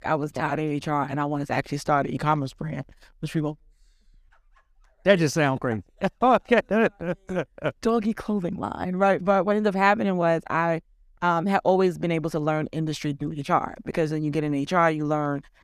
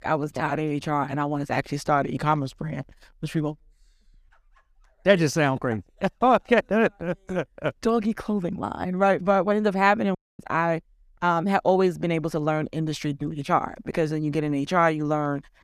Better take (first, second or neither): first